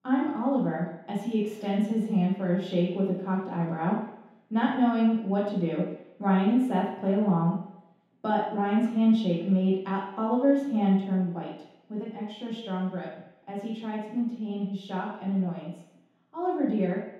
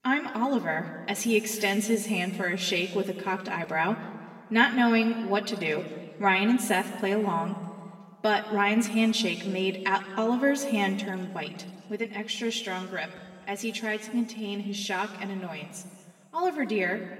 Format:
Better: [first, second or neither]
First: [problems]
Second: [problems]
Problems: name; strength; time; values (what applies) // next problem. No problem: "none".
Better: second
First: room echo; strong; dies away in 0.8 s // off-mic speech; far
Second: room echo; slight; dies away in 1.6 s // off-mic speech; somewhat distant